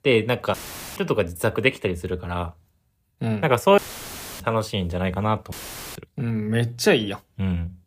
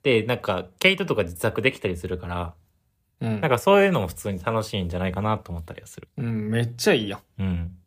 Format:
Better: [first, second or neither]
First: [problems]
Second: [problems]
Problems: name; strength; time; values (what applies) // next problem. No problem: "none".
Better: second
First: audio cutting out; filled with static; at 0.5 s, at 4 s for 0.5 s and at 5.5 s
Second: none